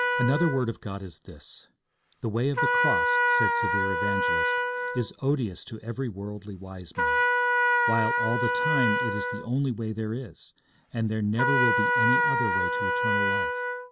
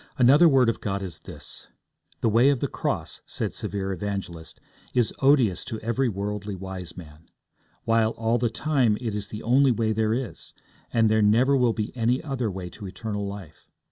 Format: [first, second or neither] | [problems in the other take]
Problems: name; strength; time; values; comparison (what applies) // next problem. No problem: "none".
second | background sound (Trumpet); 3 dB above the speech